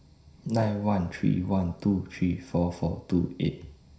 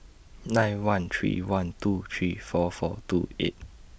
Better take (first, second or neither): second